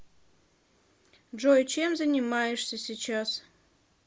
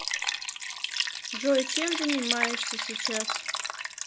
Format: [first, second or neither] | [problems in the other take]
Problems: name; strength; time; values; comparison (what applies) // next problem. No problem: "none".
first | background sound (Liquid); 1 dB above the speech